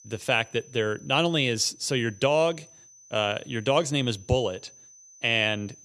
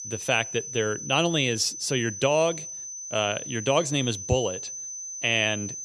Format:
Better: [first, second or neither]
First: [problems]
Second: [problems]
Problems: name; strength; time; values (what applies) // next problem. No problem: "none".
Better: first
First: high-pitched whine; faint; throughout; 6 kHz, 25 dB below the speech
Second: high-pitched whine; loud; throughout; 6 kHz, 8 dB below the speech